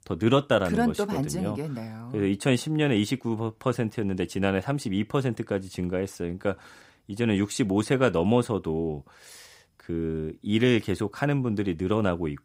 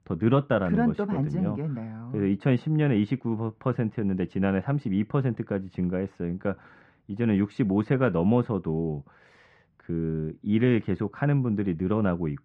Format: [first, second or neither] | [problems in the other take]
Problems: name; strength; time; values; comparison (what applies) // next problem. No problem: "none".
first | muffled; very; fading above 2 kHz